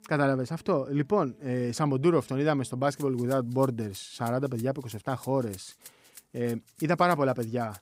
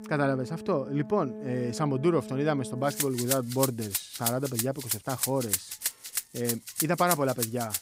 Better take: first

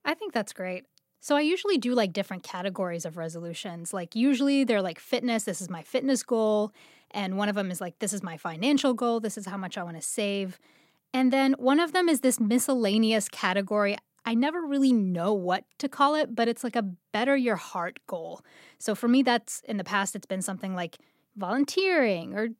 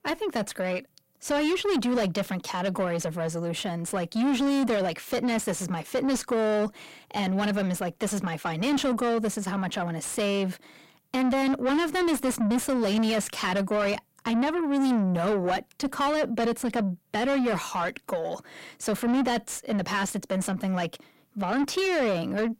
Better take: first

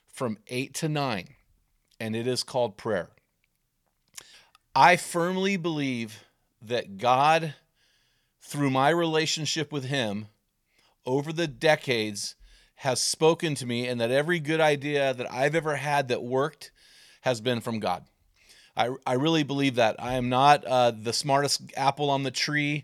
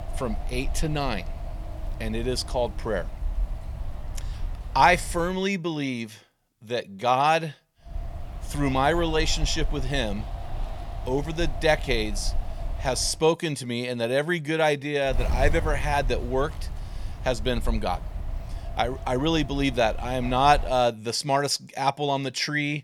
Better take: first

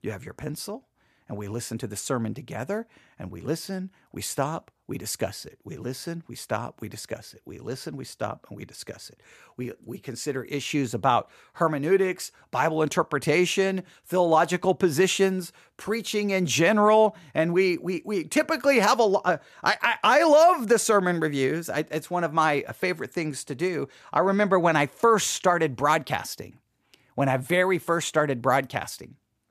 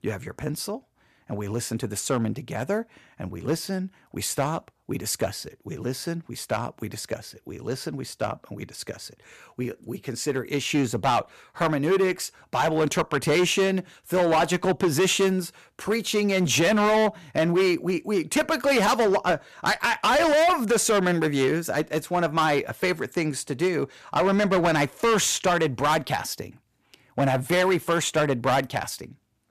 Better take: first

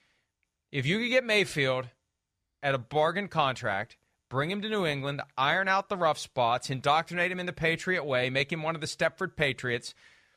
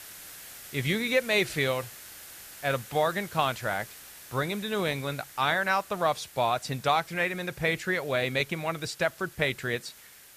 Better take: first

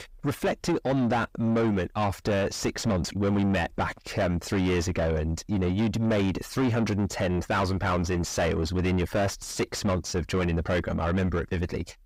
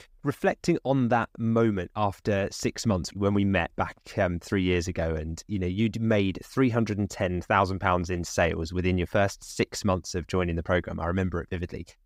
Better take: second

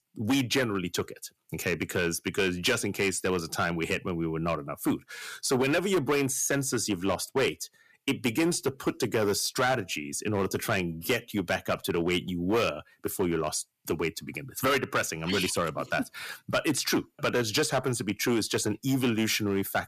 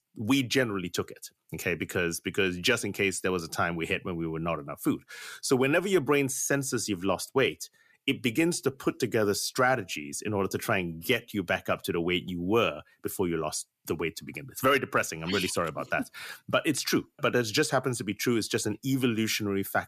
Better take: second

